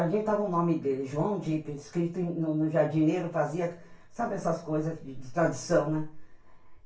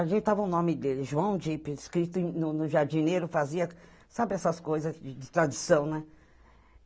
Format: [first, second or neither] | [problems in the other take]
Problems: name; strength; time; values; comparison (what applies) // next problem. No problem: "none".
second | room echo; dies away in 0.3 s